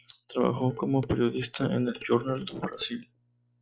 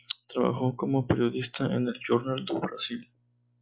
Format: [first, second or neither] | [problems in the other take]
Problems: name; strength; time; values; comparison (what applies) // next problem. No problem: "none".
second | noise reduction (neural separator model SepFormer DNS4)